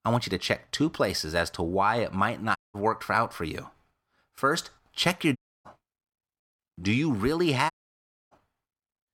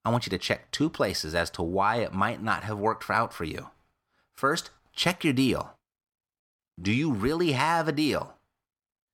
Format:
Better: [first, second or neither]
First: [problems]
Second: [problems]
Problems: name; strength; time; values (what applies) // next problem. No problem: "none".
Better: second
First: audio cutting out; at 2.5 s, at 5.5 s and at 7.5 s for 0.5 s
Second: none